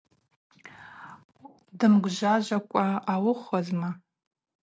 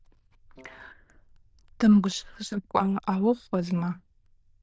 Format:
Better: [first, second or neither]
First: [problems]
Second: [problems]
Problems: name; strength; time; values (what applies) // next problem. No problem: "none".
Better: first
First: none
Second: noise reduction (neural diffusion model UNIVERSE++)